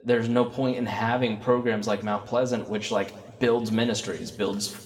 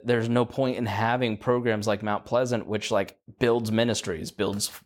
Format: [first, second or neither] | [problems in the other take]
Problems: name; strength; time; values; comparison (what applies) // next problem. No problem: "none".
second | room echo; slight; dies away in 1.7 s // off-mic speech; somewhat distant